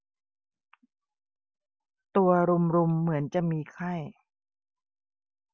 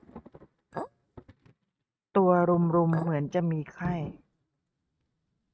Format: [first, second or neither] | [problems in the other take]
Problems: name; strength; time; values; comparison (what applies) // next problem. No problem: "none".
first | noise reduction (neural mask model RNNoise)